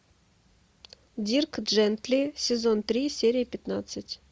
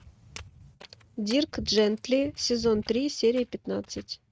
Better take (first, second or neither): first